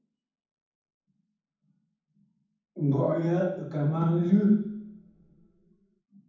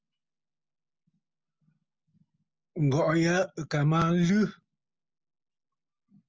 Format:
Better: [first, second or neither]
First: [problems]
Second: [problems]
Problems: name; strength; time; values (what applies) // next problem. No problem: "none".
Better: second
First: room echo; dies away in 1.2 s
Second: none